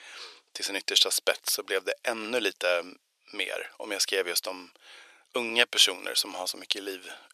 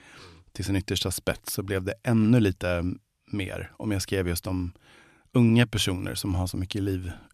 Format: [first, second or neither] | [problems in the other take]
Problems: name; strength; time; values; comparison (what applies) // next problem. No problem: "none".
second | thin; very; fading below 450 Hz